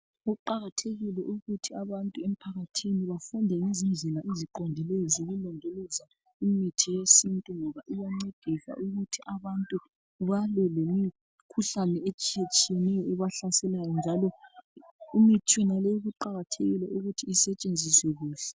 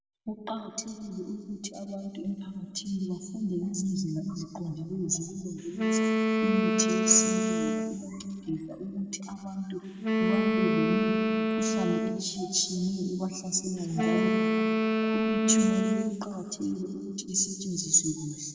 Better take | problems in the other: first | background sound (Wind instrument, woodwind instrument); 3 dB above the speech // room echo; dies away in 2 s

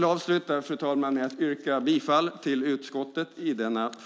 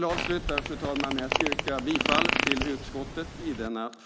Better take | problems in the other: first | background sound (Fart); 1 dB above the speech

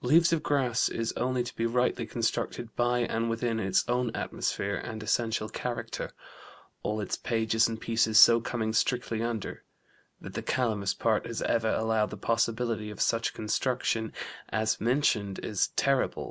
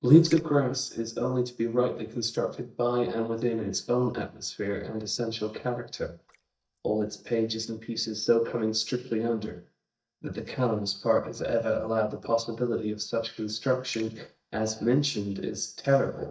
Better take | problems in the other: first | noise reduction (neural mask model DeepFilterNet 3)

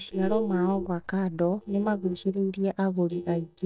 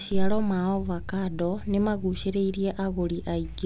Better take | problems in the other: second | noise reduction (neural mask model DeepFilterNet 3)

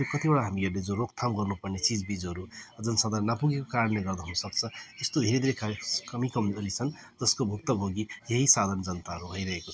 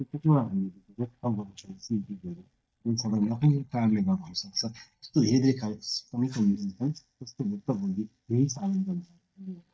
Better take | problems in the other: first | noise reduction (neural mask model DeepFilterNet 3)

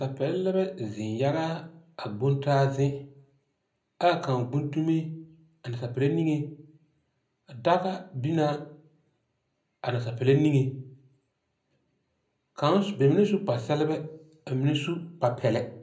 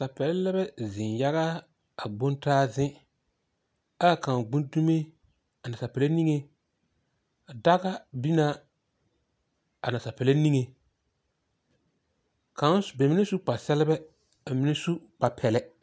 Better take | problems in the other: second | room echo; dies away in 0.4 s

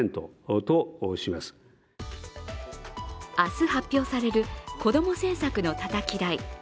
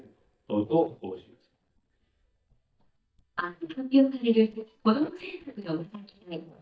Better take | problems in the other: first | noise reduction (neural mask model DeepFilterNet 3)

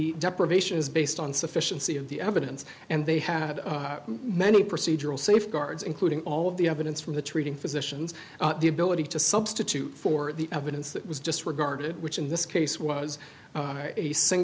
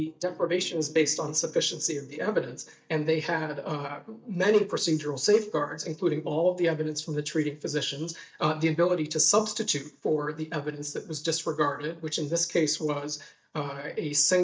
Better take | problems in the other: first | noise reduction (neural mask model DeepFilterNet 3)

